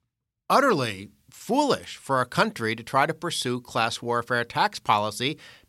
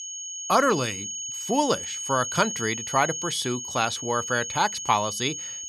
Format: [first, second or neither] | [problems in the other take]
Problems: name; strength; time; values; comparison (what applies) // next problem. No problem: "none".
first | high-pitched whine; loud; throughout; 6.5 kHz, 5 dB below the speech